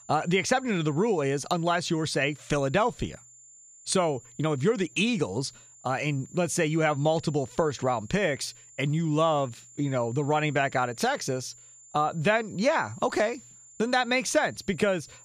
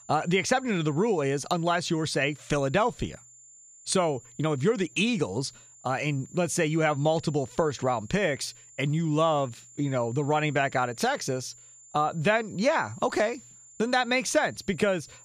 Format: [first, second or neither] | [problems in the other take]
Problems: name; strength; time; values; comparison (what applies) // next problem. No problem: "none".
neither | high-pitched whine; faint; throughout; 7 kHz, 20 dB below the speech; the same in both